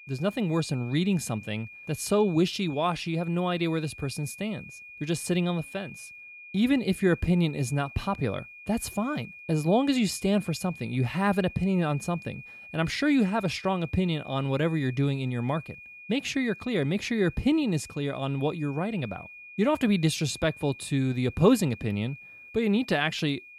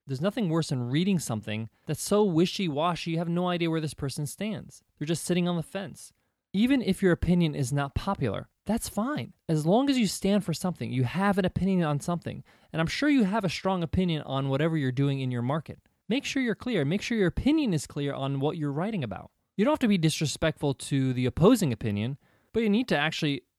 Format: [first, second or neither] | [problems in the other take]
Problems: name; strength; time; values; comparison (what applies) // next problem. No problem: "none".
second | high-pitched whine; noticeable; throughout; 2.5 kHz, 15 dB below the speech